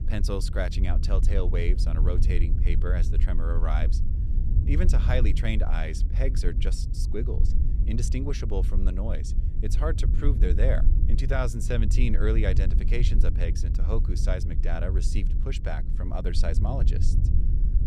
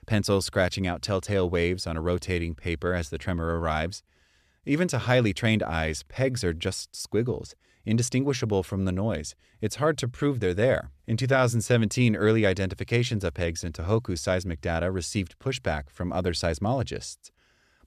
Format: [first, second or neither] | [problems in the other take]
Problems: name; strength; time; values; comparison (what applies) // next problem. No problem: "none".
second | low rumble; loud; throughout; 9 dB below the speech